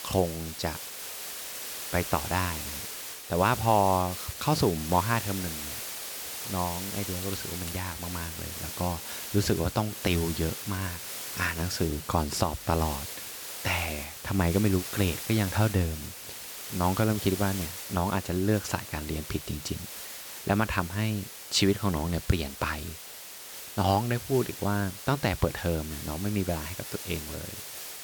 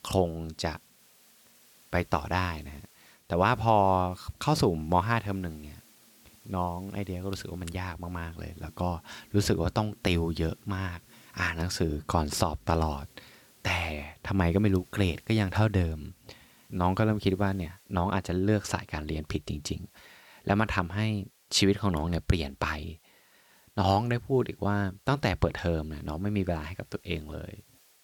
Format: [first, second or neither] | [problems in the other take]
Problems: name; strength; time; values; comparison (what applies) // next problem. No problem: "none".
second | hiss; loud; throughout; 7 dB below the speech; faint in the second